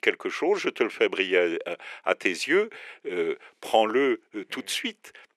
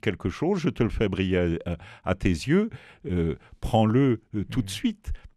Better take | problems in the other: second | thin; very; fading below 400 Hz

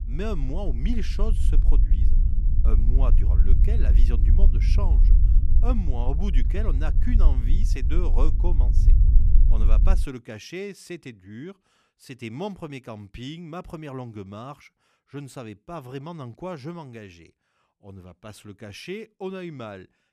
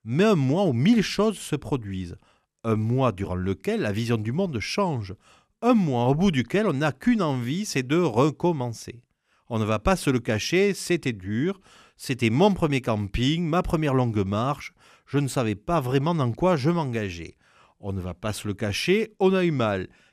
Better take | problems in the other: second | low rumble; loud; until 10 s; 6 dB below the speech

